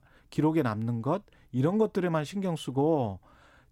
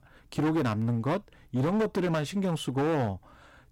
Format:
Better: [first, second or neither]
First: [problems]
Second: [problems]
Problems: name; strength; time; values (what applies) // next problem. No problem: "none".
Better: first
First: none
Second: distortion; heavy; 15% of the sound clipped